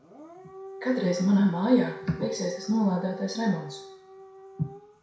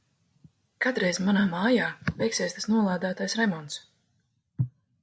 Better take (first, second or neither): second